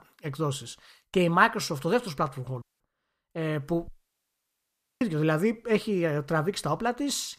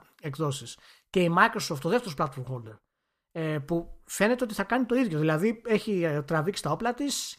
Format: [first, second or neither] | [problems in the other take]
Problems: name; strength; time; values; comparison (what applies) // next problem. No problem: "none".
second | audio cutting out; at 2.5 s and at 4 s for 1 s